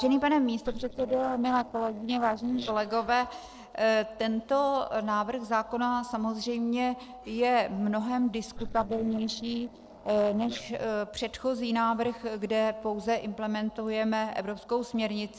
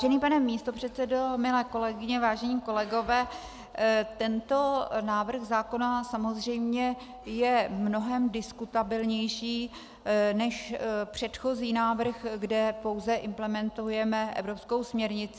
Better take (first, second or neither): second